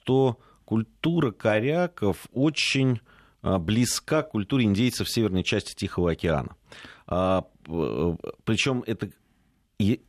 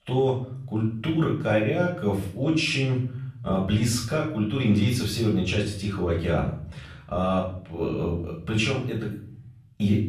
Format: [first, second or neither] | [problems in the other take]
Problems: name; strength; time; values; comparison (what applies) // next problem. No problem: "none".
first | room echo; noticeable; dies away in 0.7 s // off-mic speech; far